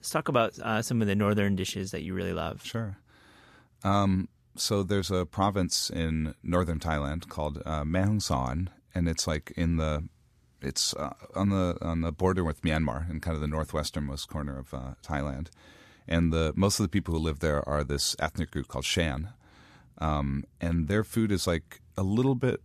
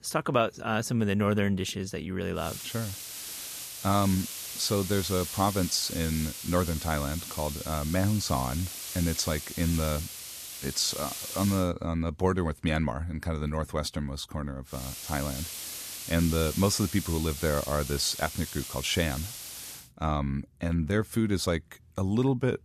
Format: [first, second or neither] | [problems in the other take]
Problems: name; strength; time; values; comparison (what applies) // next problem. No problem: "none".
first | hiss; loud; from 2.5 to 12 s and from 15 to 20 s; 7 dB below the speech